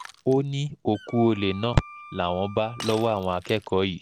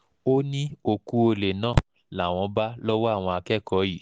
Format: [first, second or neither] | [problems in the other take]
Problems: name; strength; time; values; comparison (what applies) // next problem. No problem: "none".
second | background sound (Shatter + Wind instrument, woodwind instrument); 18 dB below the speech